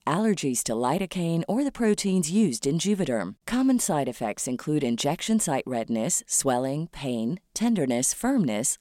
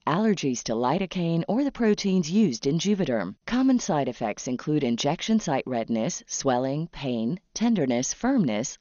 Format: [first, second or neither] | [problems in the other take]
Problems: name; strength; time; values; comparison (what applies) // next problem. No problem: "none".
first | garbled, watery; slightly; nothing above 6.5 kHz